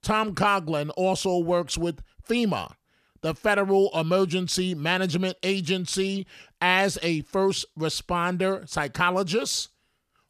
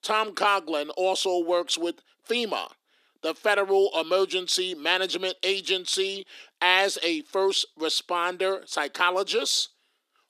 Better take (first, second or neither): first